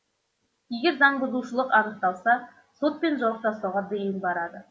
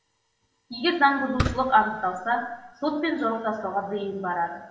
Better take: first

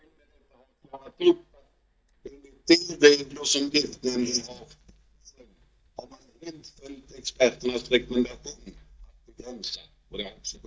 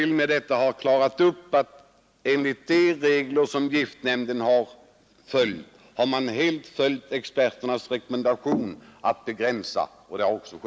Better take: second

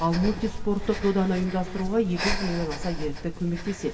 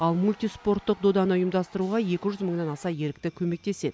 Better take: second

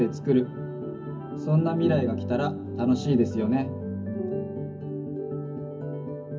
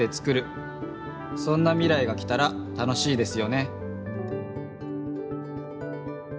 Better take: second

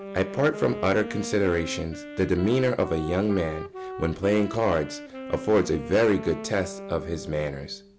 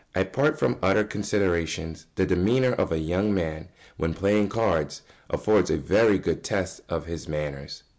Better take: second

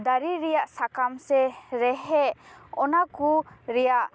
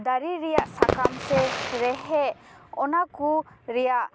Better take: first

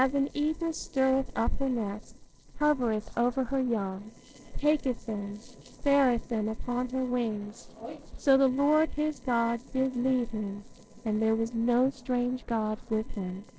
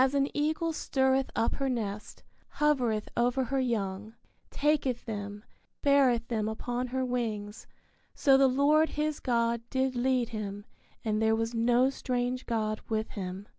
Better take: second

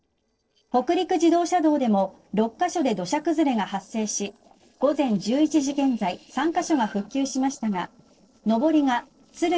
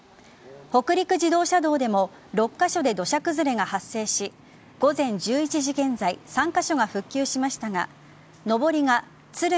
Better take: second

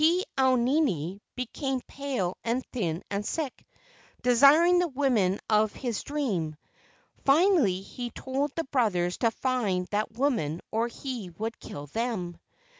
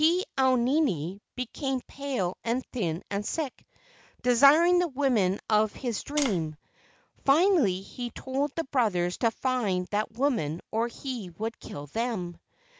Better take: first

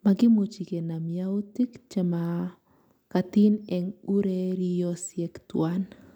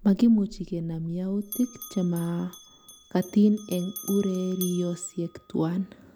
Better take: first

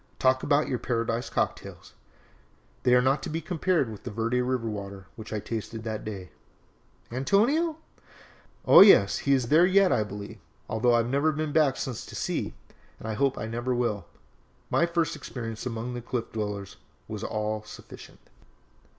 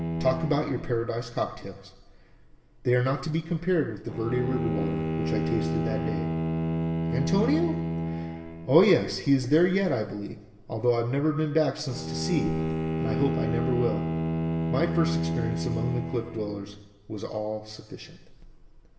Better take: first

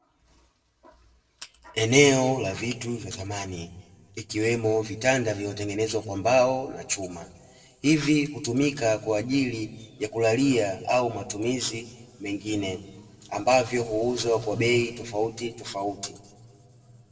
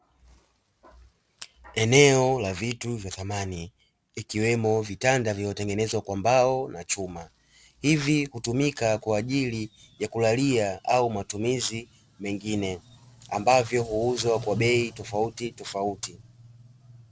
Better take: second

